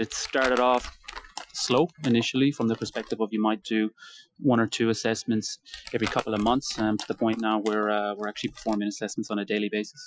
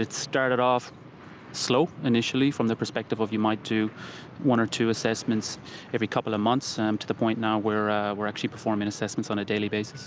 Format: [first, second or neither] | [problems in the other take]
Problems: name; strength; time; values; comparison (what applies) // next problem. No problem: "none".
second | noise reduction (classical method Wiener filter)